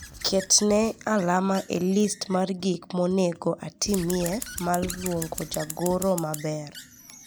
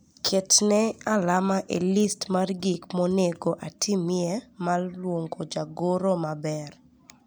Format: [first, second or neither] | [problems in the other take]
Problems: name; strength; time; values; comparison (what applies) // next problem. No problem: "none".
second | background sound (Squeak / Writing + Scissors); 14 dB below the speech